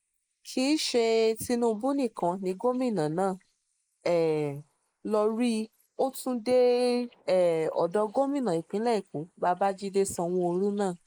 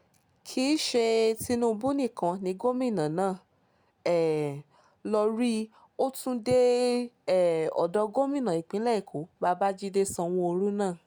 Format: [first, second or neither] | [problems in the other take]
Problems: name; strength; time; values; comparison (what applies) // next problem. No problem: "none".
second | noise reduction (neural mask model Resemble Enhance denoiser)